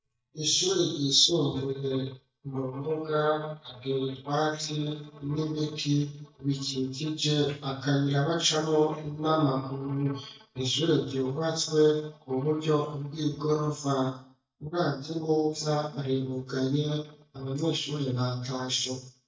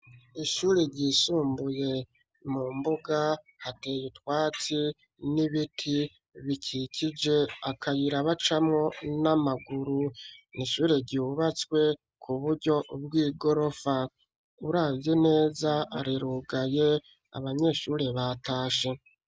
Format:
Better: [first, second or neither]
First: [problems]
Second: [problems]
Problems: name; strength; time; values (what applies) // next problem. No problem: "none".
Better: second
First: noise reduction (neural mask model DeepFilterNet 3)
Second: none